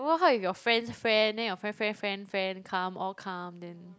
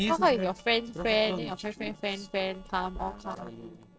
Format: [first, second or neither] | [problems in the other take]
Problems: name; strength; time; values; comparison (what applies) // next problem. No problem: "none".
first | noise reduction (neural separator model SepFormer DNS4)